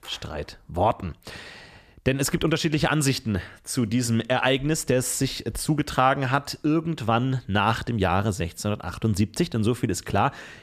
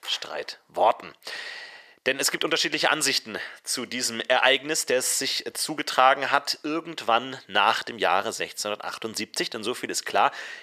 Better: first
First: none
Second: thin; very; fading below 550 Hz

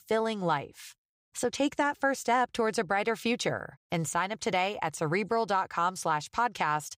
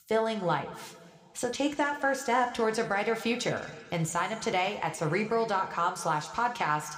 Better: first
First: none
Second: room echo; very slight; dies away in 1.6 s

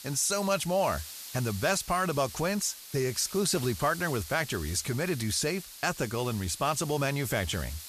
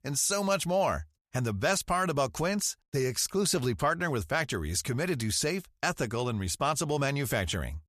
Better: second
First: hiss; noticeable; throughout; 10 dB below the speech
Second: none

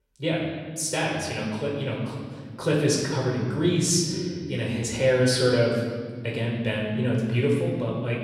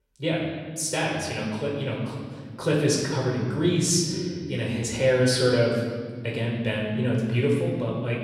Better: neither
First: off-mic speech; far // room echo; noticeable; dies away in 1.8 s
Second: off-mic speech; far // room echo; noticeable; dies away in 1.8 s

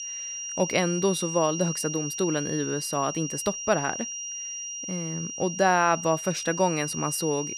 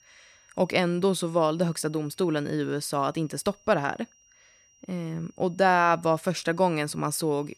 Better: second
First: high-pitched whine; loud; throughout; 5.5 kHz, 5 dB below the speech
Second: high-pitched whine; faint; throughout; 5.5 kHz, 30 dB below the speech

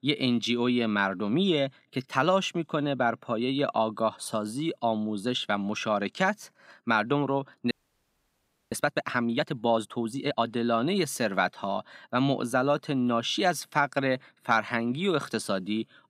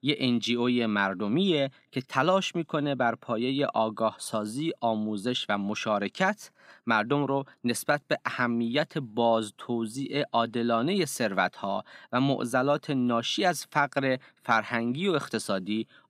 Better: second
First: audio freezing; at 7.5 s for 1 s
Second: none

